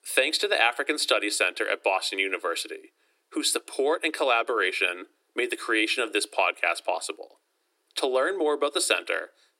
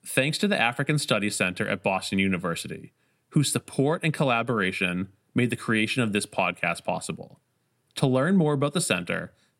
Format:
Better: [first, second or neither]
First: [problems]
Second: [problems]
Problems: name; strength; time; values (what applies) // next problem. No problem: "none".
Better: second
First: thin; very; fading below 300 Hz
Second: none